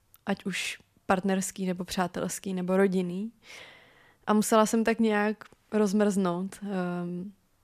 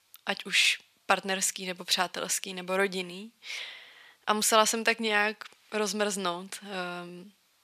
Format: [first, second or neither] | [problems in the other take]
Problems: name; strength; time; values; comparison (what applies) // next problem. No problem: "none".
first | thin; somewhat; fading below 1 kHz